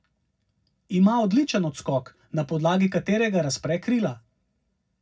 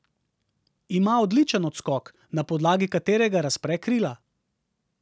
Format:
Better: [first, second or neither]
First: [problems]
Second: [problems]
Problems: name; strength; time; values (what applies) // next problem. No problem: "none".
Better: second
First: room echo; dies away in 0.4 s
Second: none